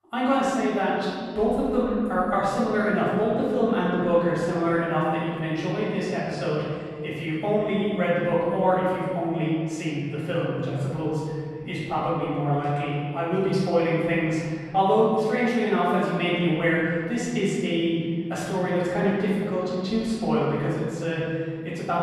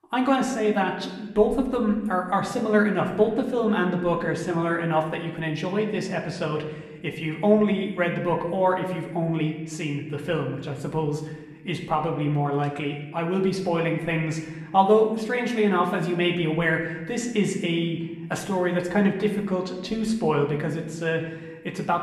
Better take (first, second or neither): second